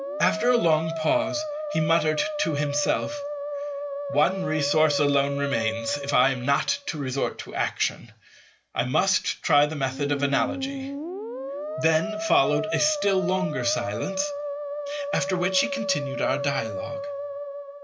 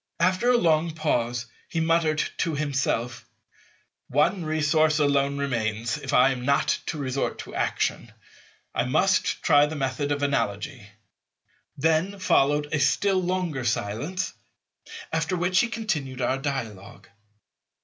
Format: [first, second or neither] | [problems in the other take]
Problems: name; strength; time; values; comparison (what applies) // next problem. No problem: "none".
second | background sound (Musical instrument); 5 dB below the speech